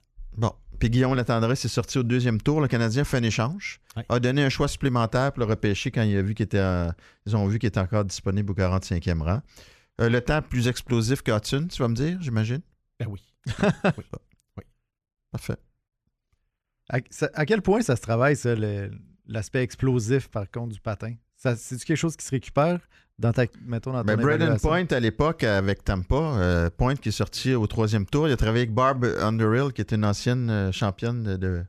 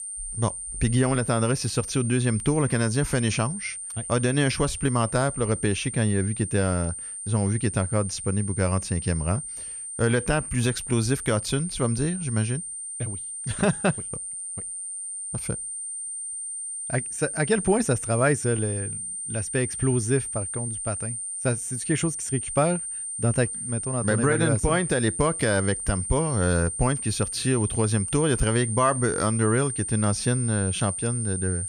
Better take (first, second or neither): first